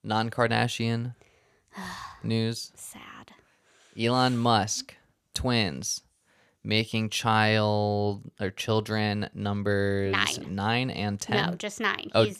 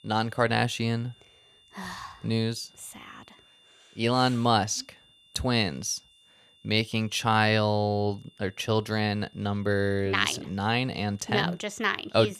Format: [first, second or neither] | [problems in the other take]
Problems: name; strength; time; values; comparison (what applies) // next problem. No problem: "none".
first | high-pitched whine; faint; throughout; 3.5 kHz, 30 dB below the speech